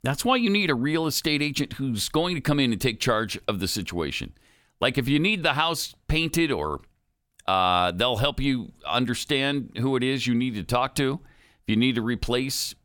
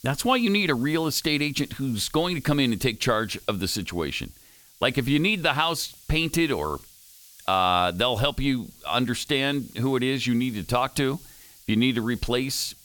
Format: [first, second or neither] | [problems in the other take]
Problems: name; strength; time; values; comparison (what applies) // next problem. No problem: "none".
first | hiss; faint; throughout; 25 dB below the speech